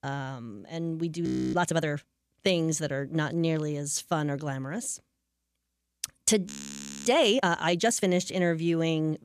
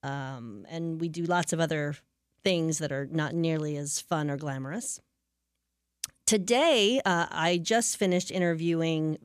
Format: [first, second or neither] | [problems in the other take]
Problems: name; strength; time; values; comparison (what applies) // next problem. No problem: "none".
second | audio freezing; at 1.5 s and at 6.5 s for 0.5 s